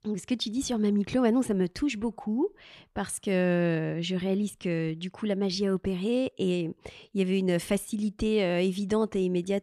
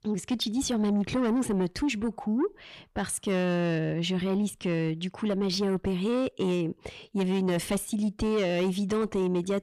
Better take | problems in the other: first | distortion; slight; 10 dB below the speech

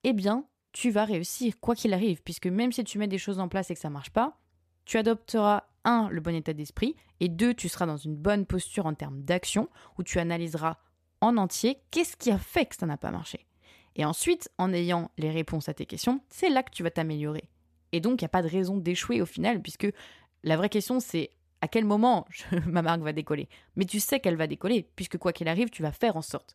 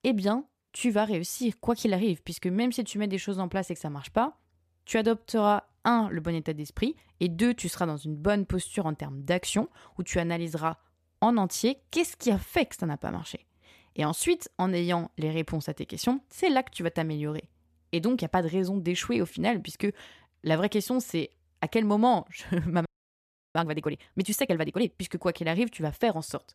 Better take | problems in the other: first | audio freezing; at 23 s for 0.5 s

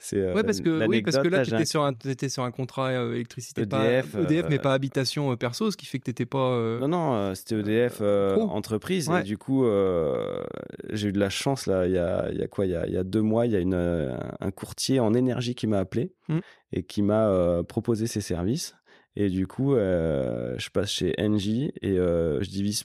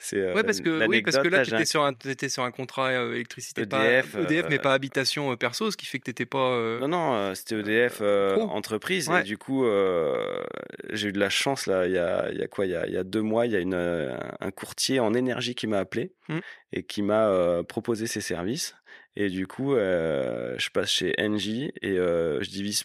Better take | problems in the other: first | thin; very slightly; fading below 400 Hz

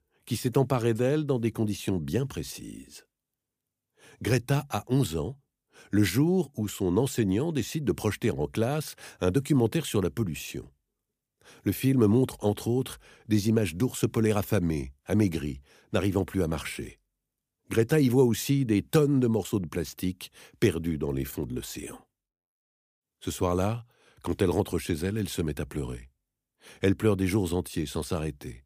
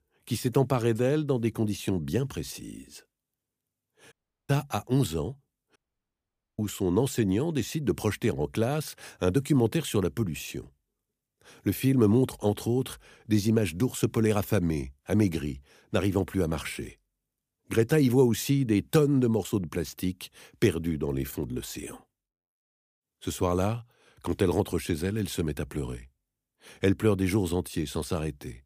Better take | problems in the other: first | audio cutting out; at 4 s and at 6 s for 1 s

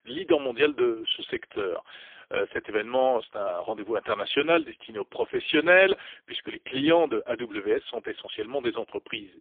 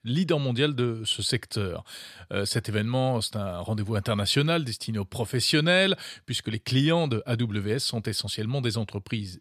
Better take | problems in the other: second | phone-call audio; poor line; nothing above 3.5 kHz

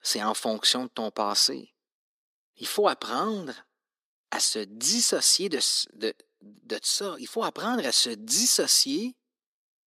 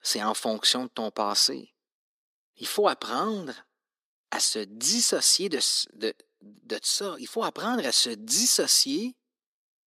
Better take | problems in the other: neither | thin; somewhat; fading below 250 Hz; the same in both

